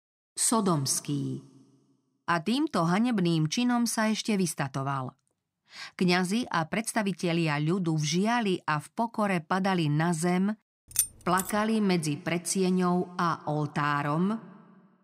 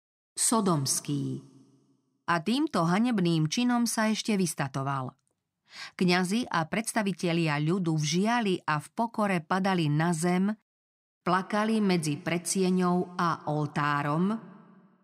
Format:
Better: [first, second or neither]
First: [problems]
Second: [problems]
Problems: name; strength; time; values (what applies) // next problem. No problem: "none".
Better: second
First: jangling keys; noticeable; at 11 s; peak level with the speech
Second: none